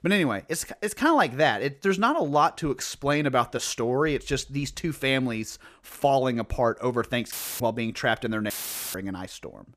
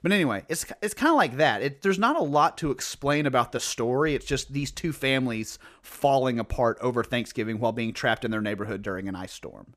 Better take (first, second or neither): second